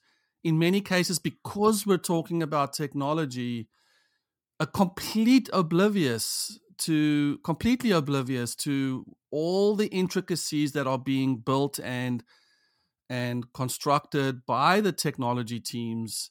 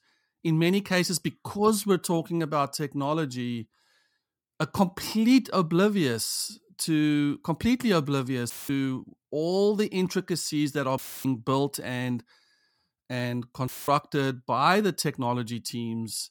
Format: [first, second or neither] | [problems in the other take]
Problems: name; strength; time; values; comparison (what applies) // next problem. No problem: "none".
first | audio cutting out; filled with static; at 8.5 s, at 11 s and at 14 s